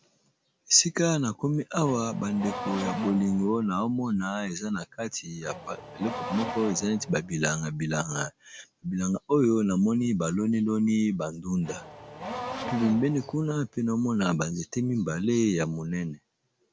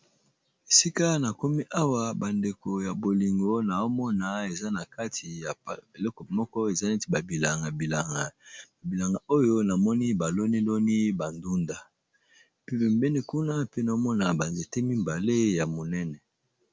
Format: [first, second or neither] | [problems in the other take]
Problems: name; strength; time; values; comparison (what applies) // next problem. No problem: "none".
second | background sound (Race car, auto racing / Accelerating, revving, vroom); 11 dB below the speech